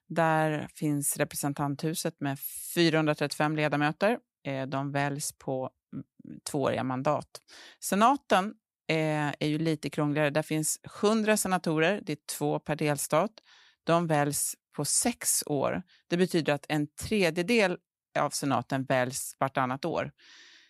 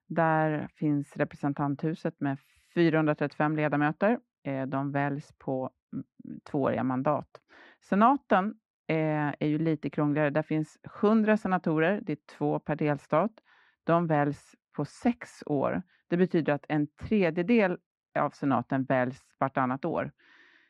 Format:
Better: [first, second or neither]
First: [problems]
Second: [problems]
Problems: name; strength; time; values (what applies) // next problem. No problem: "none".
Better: first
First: none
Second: muffled; very; fading above 1.5 kHz